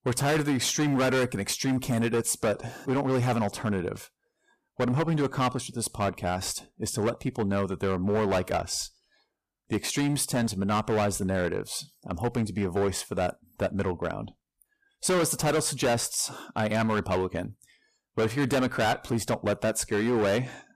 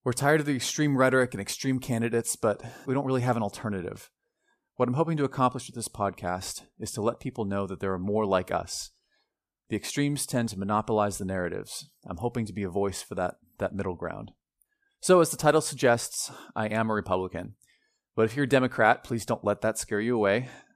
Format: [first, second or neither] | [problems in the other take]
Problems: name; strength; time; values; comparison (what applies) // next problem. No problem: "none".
second | distortion; heavy; 12% of the sound clipped